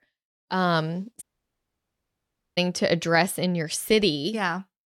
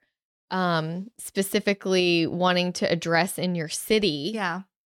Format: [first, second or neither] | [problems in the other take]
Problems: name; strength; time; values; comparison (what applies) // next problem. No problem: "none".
second | audio cutting out; at 1 s for 1.5 s